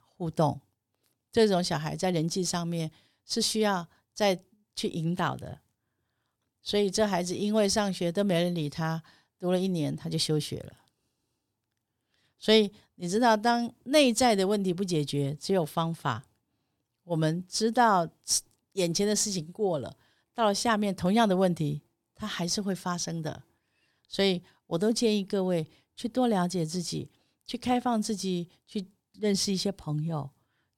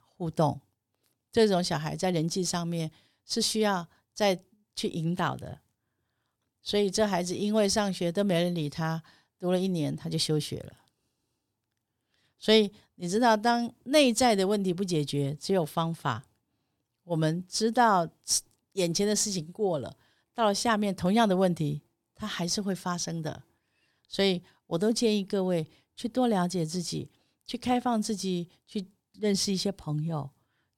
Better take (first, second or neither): neither